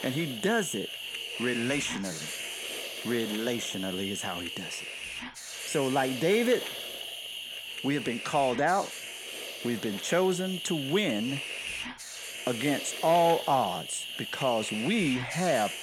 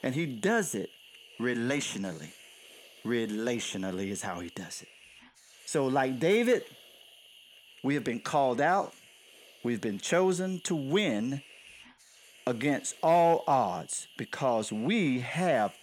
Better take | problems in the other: second | hiss; loud; throughout; 6 dB below the speech; faint in the second

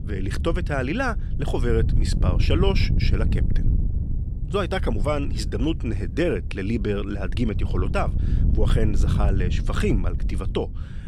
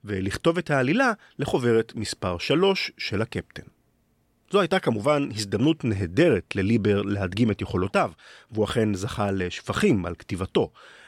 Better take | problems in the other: second | wind noise on the microphone; occasional gusts; 10 dB below the speech

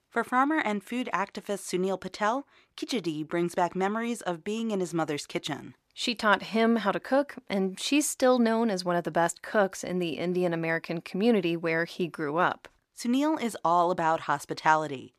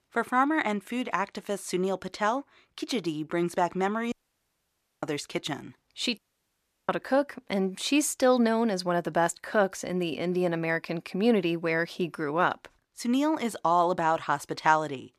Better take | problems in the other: first | audio cutting out; at 4 s for 1 s and at 6 s for 0.5 s

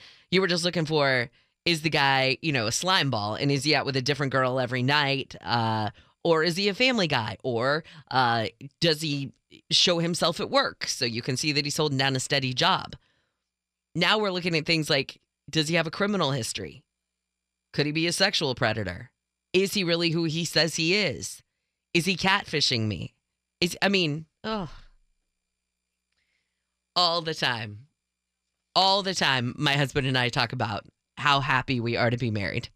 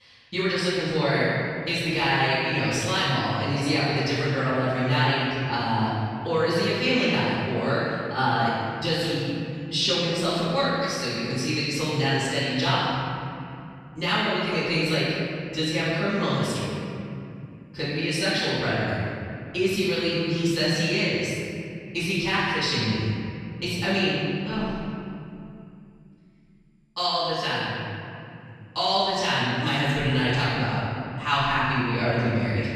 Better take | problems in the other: first | off-mic speech; far // room echo; strong; dies away in 3 s

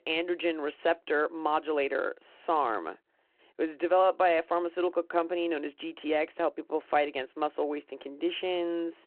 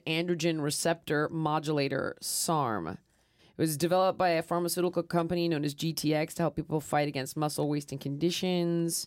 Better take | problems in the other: second | phone-call audio

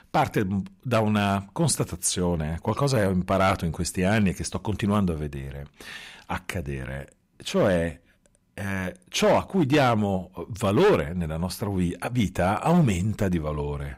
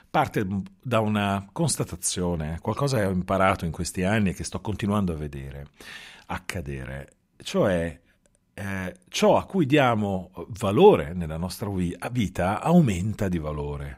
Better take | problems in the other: second | distortion; slight; 3% of the sound clipped

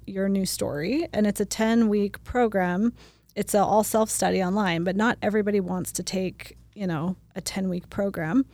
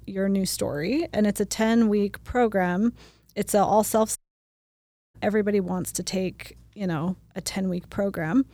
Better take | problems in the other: first | audio cutting out; at 4 s for 1 s

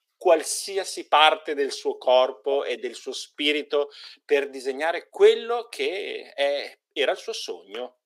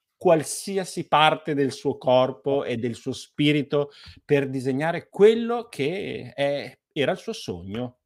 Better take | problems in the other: second | thin; somewhat; fading below 350 Hz

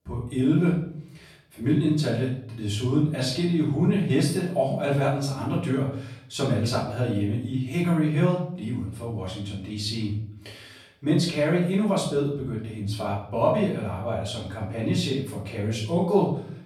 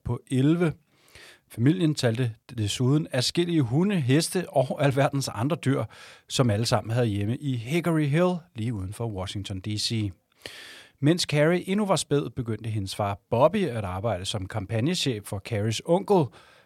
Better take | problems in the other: second | off-mic speech; far // room echo; noticeable; dies away in 0.6 s

